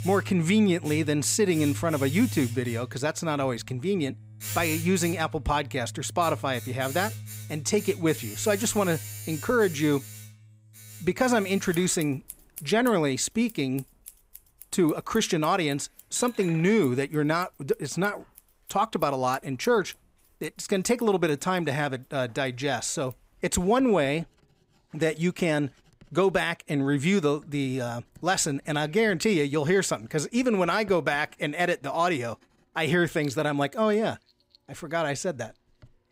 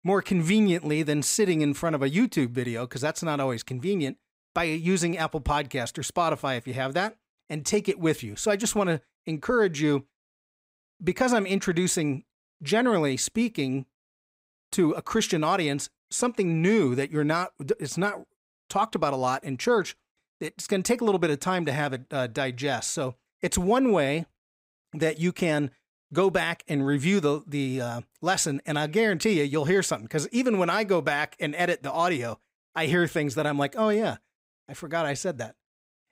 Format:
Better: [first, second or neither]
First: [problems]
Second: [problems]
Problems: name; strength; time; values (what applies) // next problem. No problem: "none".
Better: second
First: household noises; noticeable; throughout; 15 dB below the speech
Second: none